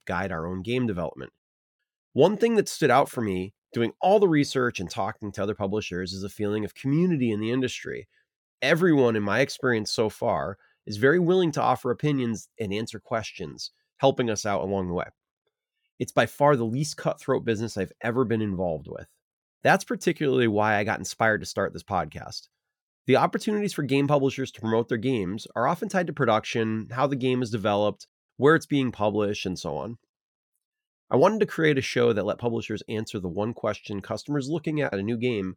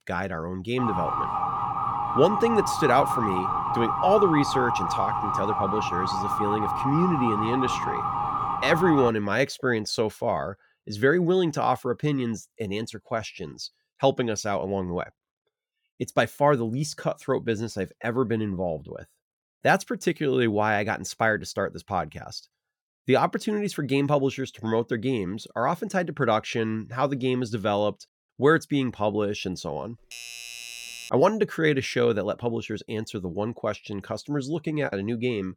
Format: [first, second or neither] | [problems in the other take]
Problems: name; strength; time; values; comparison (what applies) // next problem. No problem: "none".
first | siren; loud; from 1 to 9 s; peak 1 dB above the speech // doorbell; faint; from 30 to 31 s; peak 10 dB below the speech